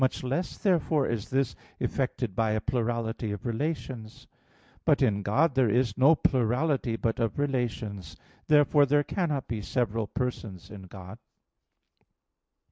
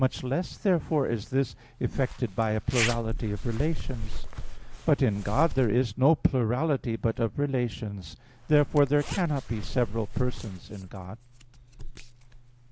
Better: first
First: none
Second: background sound (Zipper (clothing)); 7 dB below the speech

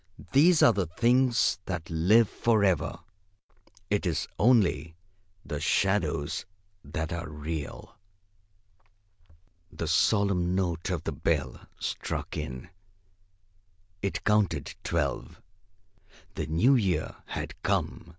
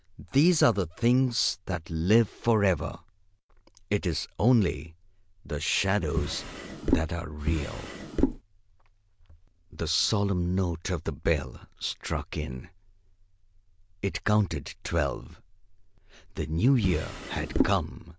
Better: first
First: none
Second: background sound (Drawer open or close); 1 dB below the speech

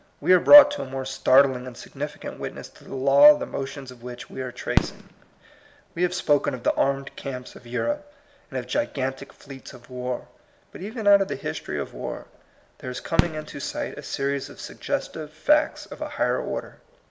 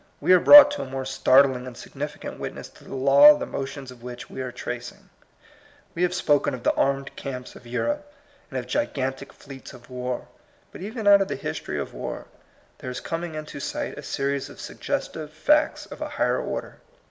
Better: second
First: background sound (Fireworks); 6 dB below the speech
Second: none

